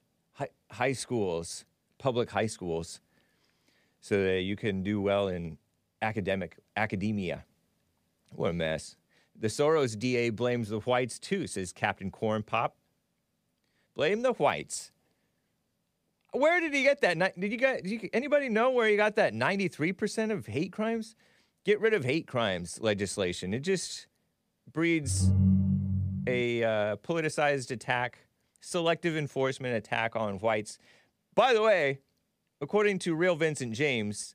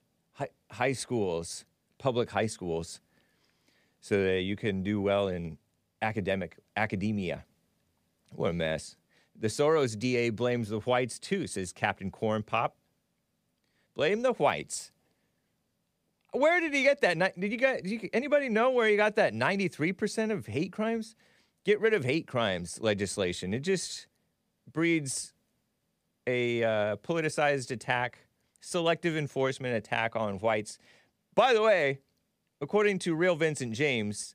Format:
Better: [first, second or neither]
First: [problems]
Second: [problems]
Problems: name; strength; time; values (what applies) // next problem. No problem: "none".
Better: second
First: phone ringing; loud; from 25 to 26 s; peak 5 dB above the speech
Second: none